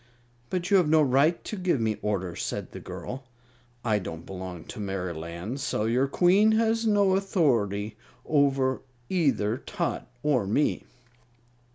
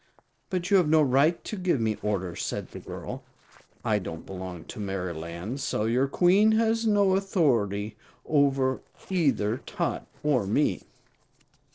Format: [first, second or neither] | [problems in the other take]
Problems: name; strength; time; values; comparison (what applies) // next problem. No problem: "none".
first | noise reduction (neural separator model SepFormer DNS4)